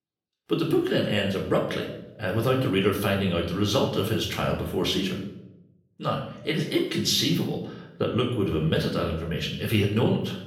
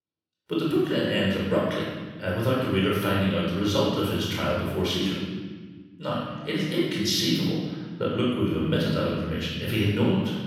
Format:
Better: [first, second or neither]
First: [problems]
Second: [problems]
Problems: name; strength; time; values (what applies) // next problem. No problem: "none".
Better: first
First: room echo; slight; dies away in 0.7 s // off-mic speech; somewhat distant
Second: room echo; strong; dies away in 1.4 s // off-mic speech; far